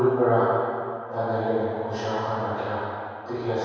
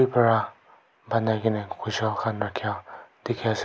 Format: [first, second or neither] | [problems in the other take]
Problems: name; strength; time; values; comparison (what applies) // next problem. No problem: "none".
second | room echo; dies away in 2.2 s